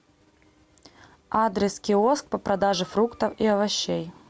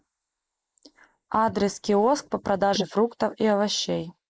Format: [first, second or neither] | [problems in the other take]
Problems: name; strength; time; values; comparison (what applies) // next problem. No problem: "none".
first | noise reduction (neural mask model Resemble Enhance denoiser)